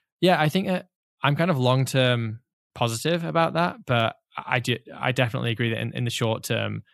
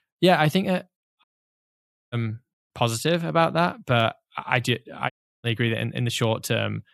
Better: first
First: none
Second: audio cutting out; at 1 s for 1 s and at 5 s

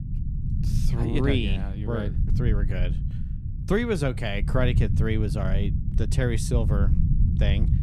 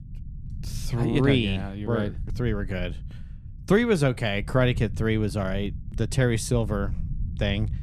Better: second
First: low rumble; loud; throughout; 9 dB below the speech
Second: low rumble; faint; throughout; 20 dB below the speech

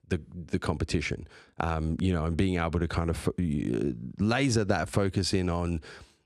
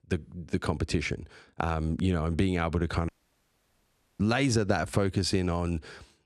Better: first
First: none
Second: audio cutting out; at 3 s for 1 s

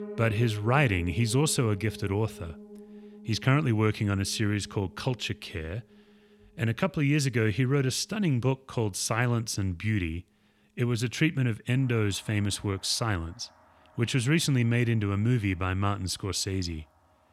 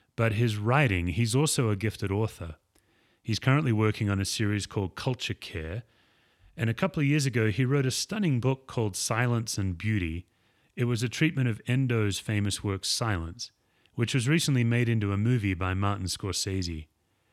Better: second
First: background music; noticeable; throughout; 20 dB below the speech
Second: none

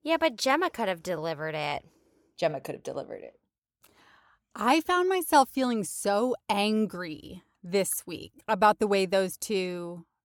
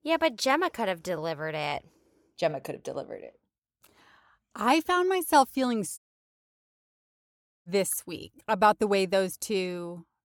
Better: first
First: none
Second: audio cutting out; at 6 s for 1.5 s

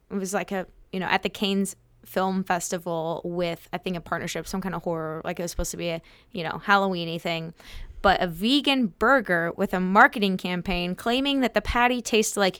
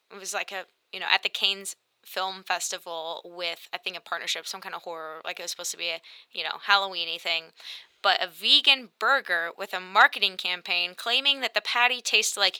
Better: first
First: none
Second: thin; very; fading below 700 Hz

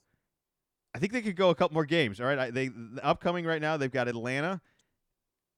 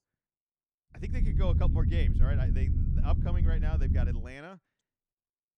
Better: first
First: none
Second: low rumble; loud; from 1 to 4 s; 2 dB below the speech

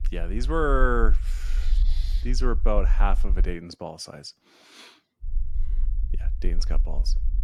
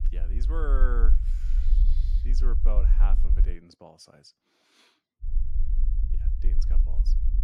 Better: first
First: low rumble; faint; until 3.5 s and from 5.5 s on; 25 dB below the speech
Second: low rumble; loud; until 3.5 s and from 5.5 s on; 9 dB below the speech

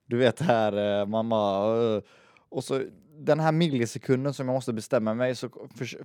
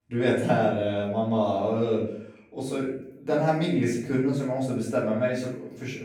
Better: first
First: none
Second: room echo; noticeable; dies away in 0.6 s // off-mic speech; far

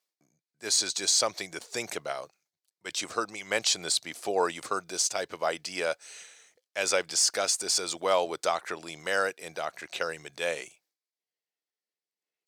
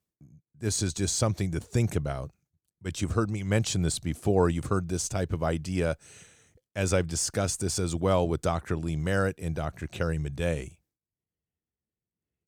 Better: second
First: thin; very; fading below 650 Hz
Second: none

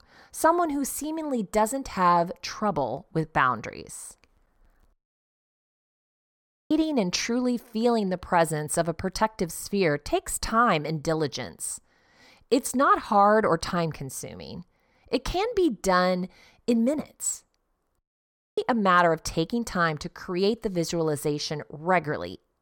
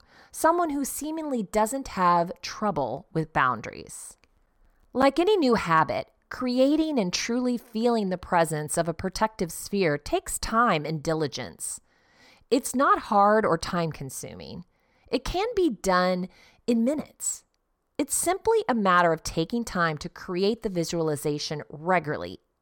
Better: second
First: audio cutting out; at 5 s for 2 s and at 18 s for 0.5 s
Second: none

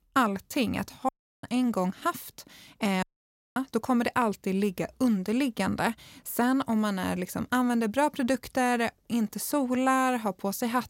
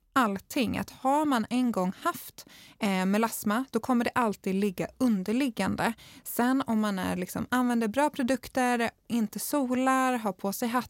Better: second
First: audio cutting out; at 1 s and at 3 s for 0.5 s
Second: none

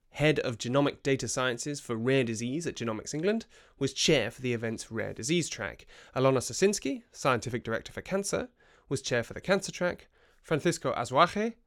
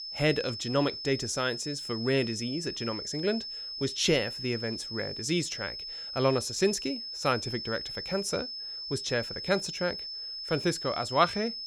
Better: first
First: none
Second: high-pitched whine; loud; throughout; 5 kHz, 5 dB below the speech

